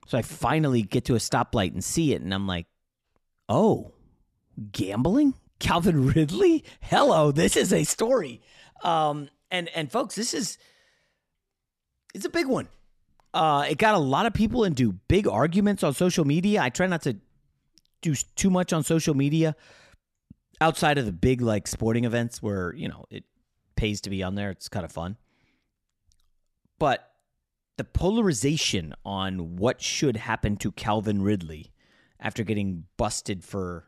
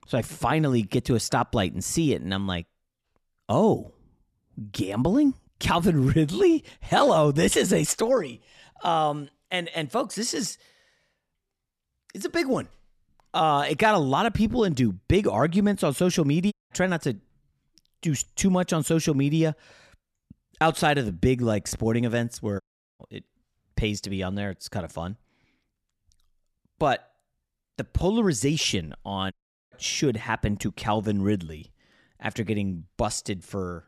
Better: first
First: none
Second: audio cutting out; at 17 s, at 23 s and at 29 s

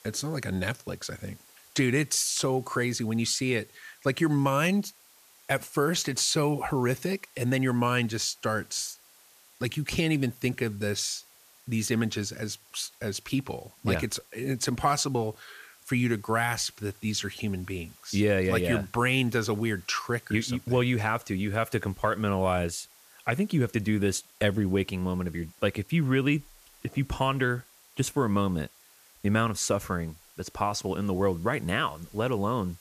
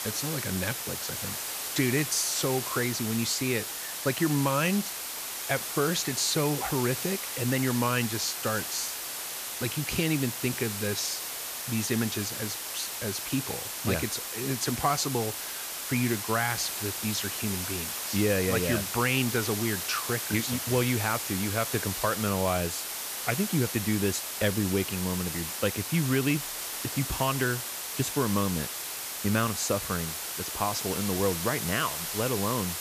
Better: first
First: hiss; faint; throughout; 25 dB below the speech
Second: hiss; loud; throughout; 3 dB below the speech

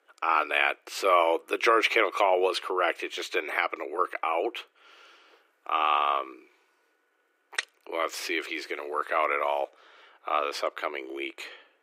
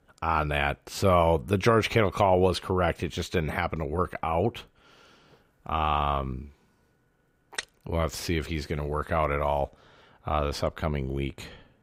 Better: second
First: thin; very; fading below 300 Hz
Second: none

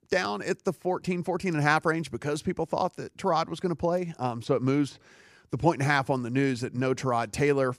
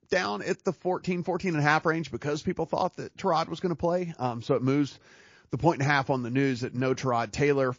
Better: first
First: none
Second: garbled, watery; slightly

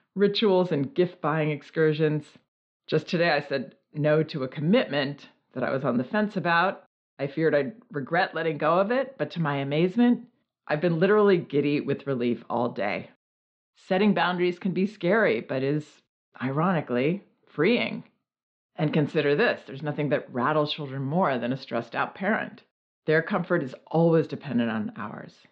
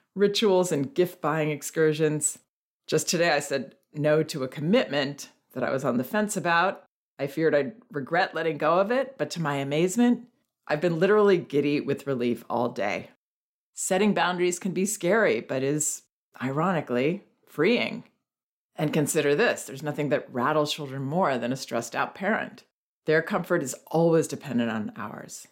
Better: second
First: muffled; slightly; fading above 4 kHz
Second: none

